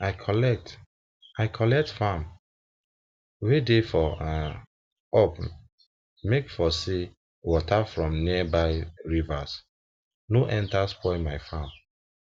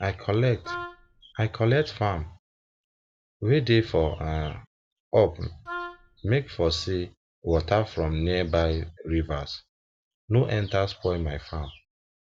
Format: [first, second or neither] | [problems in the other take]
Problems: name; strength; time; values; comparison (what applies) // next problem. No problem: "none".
first | background sound (Wind instrument, woodwind instrument); 12 dB below the speech